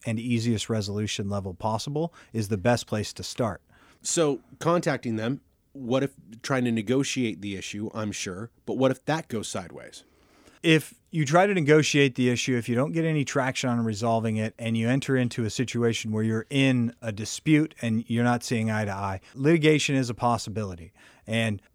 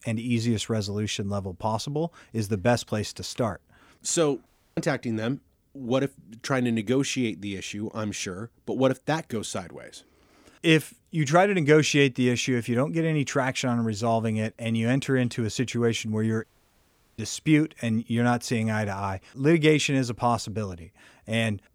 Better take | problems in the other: first | audio cutting out; at 4.5 s and at 16 s for 0.5 s

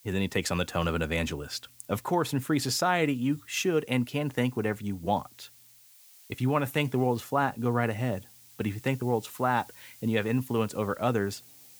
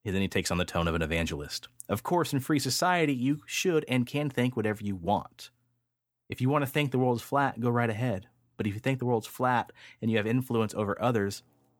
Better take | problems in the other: second | hiss; faint; throughout; 25 dB below the speech

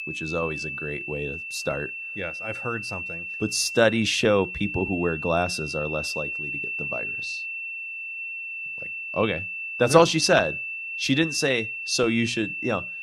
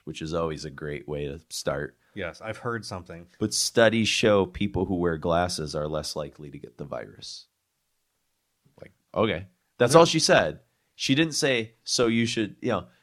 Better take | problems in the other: second | high-pitched whine; loud; throughout; 2.5 kHz, 6 dB below the speech

